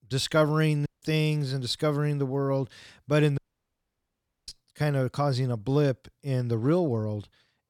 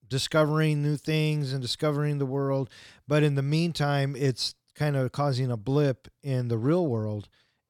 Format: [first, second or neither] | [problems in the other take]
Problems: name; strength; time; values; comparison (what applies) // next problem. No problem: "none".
second | audio cutting out; at 1 s and at 3.5 s for 1 s